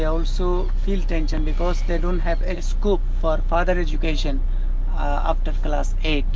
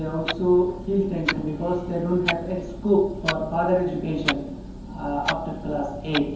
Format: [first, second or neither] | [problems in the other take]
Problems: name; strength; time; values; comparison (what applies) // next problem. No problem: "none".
first | background sound (Clock); 9 dB below the speech // room echo; dies away in 0.9 s